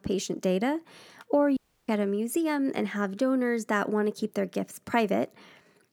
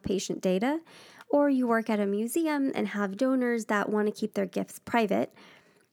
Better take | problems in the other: second | audio cutting out; at 1.5 s

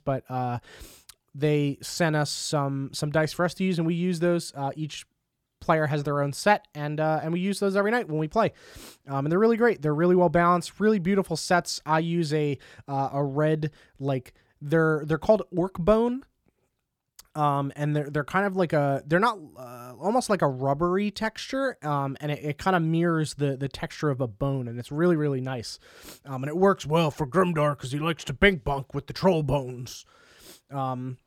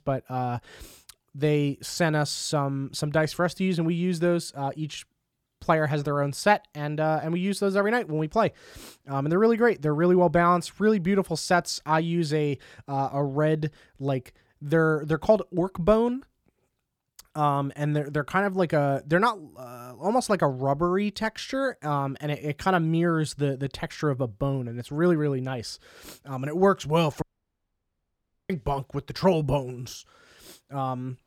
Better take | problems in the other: first | audio cutting out; at 27 s for 1.5 s

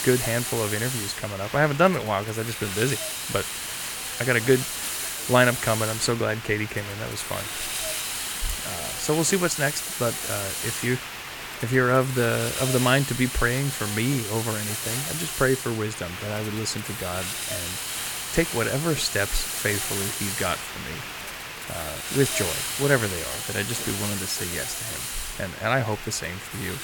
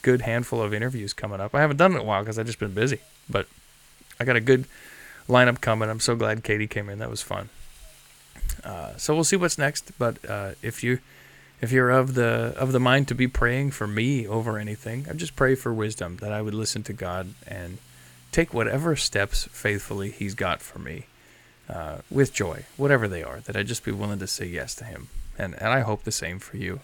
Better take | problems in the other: second | hiss; loud; throughout; 3 dB below the speech; faint in the second

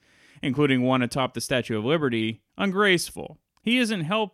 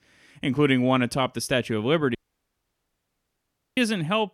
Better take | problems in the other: first | audio cutting out; at 2 s for 1.5 s

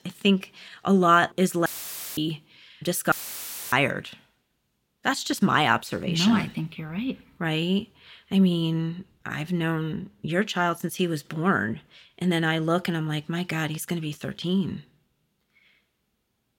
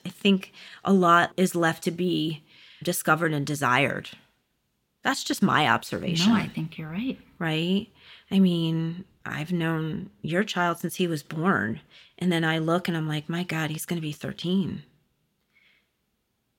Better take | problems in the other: second | audio cutting out; filled with static; at 1.5 s for 0.5 s and at 3 s for 0.5 s

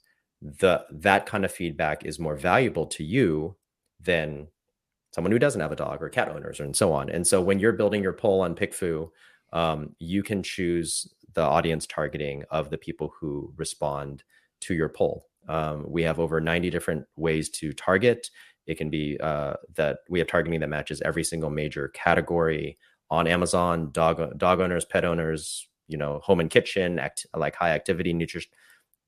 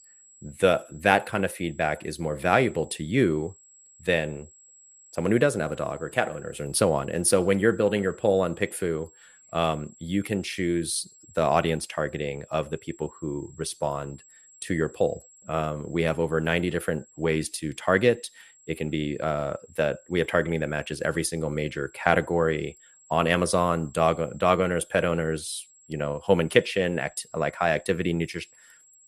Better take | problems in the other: first | high-pitched whine; faint; throughout; 7.5 kHz, 25 dB below the speech

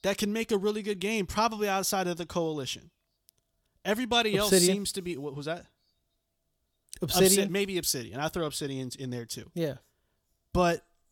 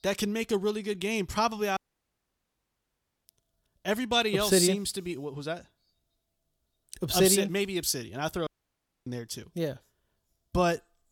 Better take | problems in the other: first | audio cutting out; at 2 s for 1.5 s and at 8.5 s for 0.5 s

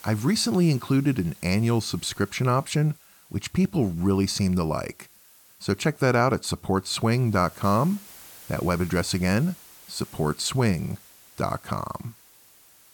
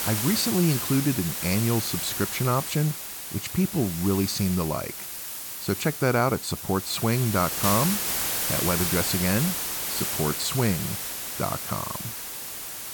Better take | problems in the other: first | hiss; loud; throughout; 2 dB below the speech; faint in the first

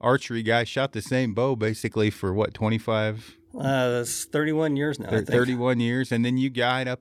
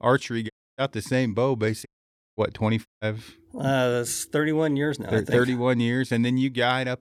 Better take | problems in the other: first | audio cutting out; at 0.5 s, at 2 s for 0.5 s and at 3 s

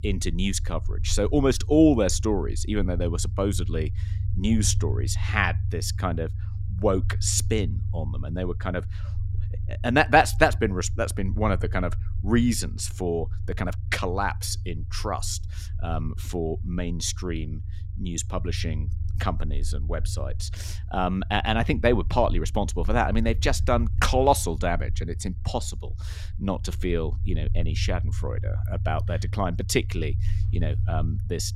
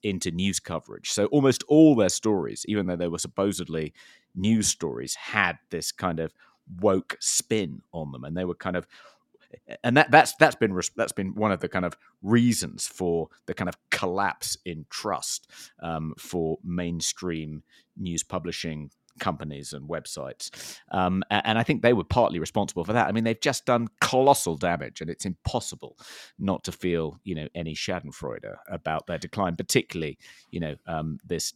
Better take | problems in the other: second | low rumble; noticeable; throughout; 20 dB below the speech

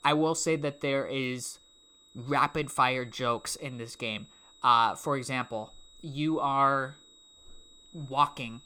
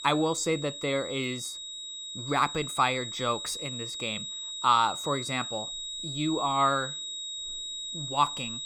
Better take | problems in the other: first | high-pitched whine; loud; throughout; 4 kHz, 6 dB below the speech; faint in the first

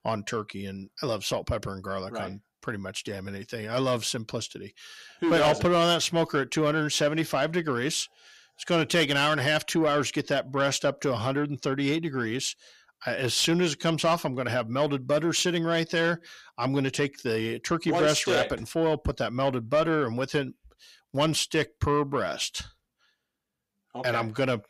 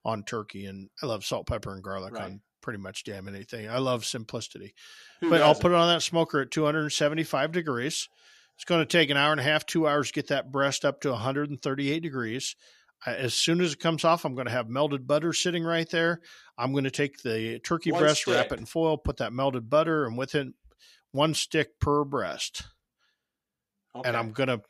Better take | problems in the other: second | distortion; slight; 10 dB below the speech

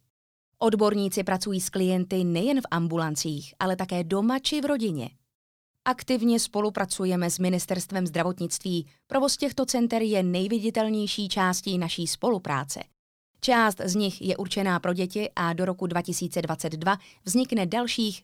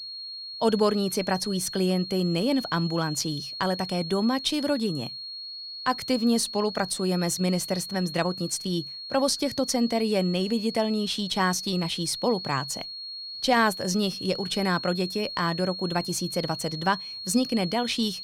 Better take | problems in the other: first | high-pitched whine; loud; throughout; 4.5 kHz, 8 dB below the speech

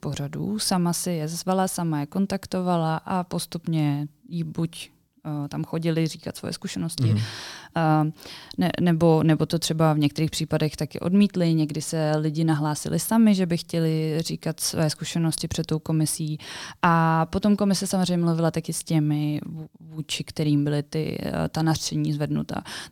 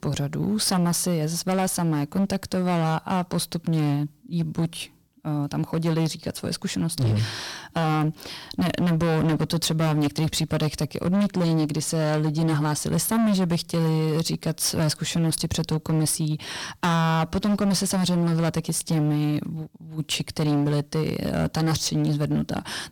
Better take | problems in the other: first | distortion; heavy; 16% of the sound clipped

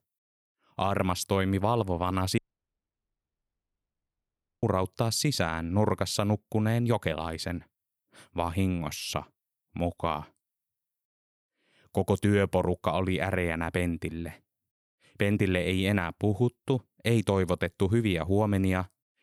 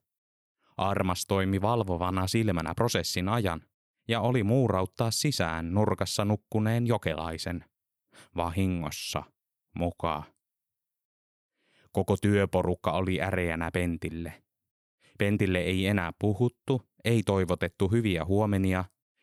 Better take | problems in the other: second | audio cutting out; at 2.5 s for 2.5 s

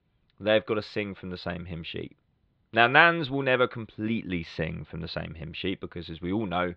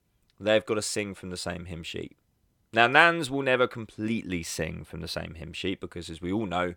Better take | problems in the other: second | muffled; slightly; fading above 4 kHz

